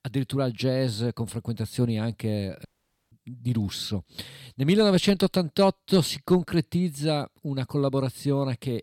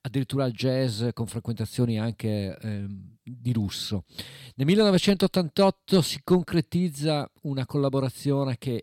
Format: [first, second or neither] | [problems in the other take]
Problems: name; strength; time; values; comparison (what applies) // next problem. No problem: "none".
second | audio cutting out; at 2.5 s